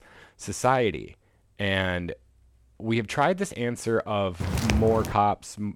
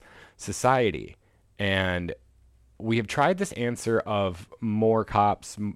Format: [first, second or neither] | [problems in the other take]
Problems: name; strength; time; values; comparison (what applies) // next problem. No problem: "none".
second | footsteps; noticeable; at 4.5 s; peak level with the speech